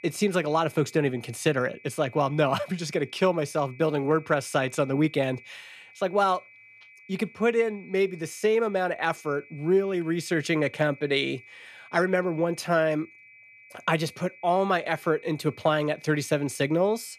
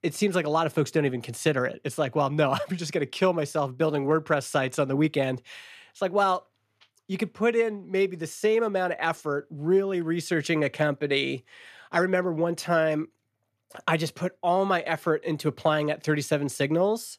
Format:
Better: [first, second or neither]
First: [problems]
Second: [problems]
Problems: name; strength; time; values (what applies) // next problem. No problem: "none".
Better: second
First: high-pitched whine; faint; throughout; 2.5 kHz, 20 dB below the speech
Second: none